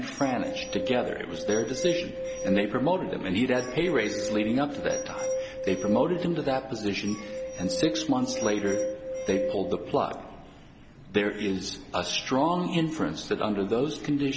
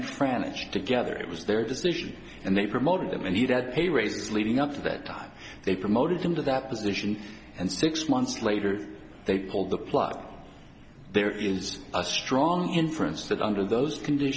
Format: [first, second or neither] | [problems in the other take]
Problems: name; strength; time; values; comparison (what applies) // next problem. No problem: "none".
second | background sound (Glass); 6 dB below the speech